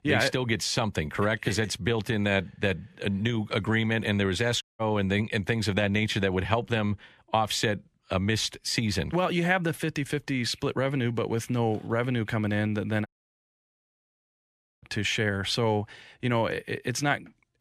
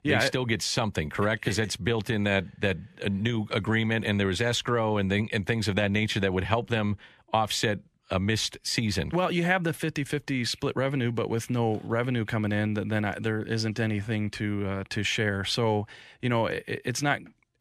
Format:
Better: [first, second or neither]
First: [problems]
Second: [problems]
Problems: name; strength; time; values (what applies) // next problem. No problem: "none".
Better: second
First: audio cutting out; at 4.5 s and at 13 s for 2 s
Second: none